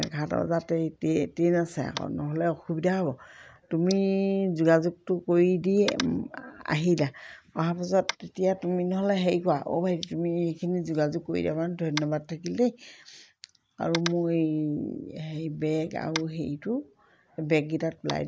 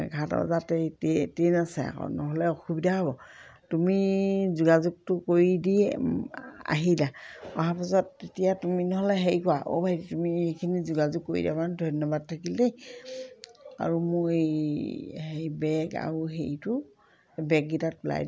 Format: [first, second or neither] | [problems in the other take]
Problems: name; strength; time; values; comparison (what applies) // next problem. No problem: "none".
second | noise reduction (neural mask model Resemble Enhance denoiser)